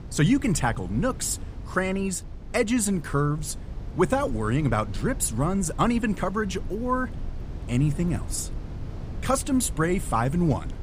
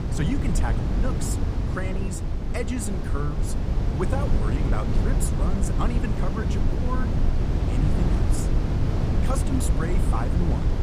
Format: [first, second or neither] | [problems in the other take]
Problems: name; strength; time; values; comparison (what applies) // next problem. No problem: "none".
first | wind noise on the microphone; heavy; as loud as the speech; occasional gusts in the first